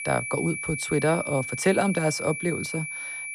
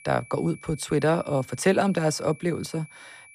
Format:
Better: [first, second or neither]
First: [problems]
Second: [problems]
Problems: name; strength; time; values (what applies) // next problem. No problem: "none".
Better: second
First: high-pitched whine; loud; throughout; 2.5 kHz, 5 dB below the speech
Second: high-pitched whine; faint; throughout; 2.5 kHz, 20 dB below the speech